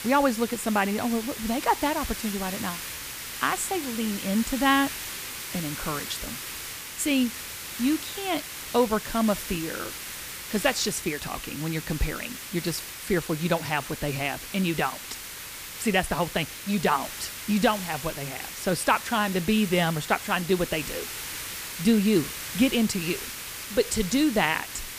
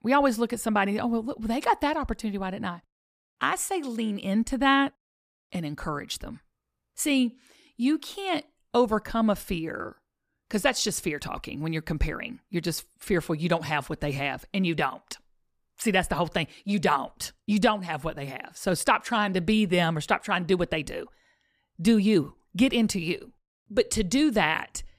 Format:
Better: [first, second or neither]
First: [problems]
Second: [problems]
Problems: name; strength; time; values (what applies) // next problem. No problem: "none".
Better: second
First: hiss; loud; throughout; 8 dB below the speech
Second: none